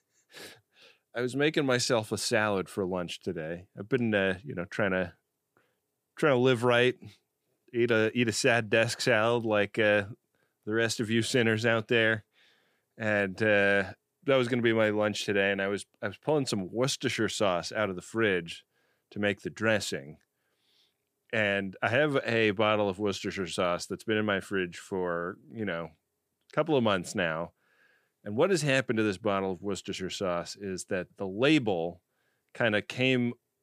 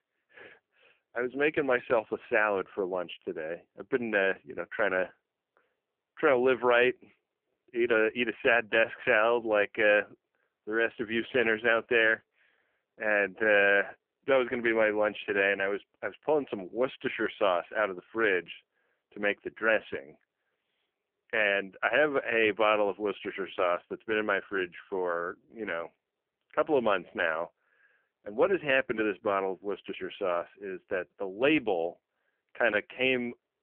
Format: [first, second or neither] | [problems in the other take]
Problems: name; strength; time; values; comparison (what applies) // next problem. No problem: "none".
first | phone-call audio; poor line; nothing above 3 kHz